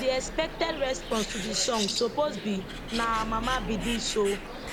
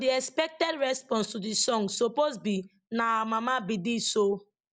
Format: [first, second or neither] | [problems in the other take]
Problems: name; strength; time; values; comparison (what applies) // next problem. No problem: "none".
second | background sound (Bird); 6 dB below the speech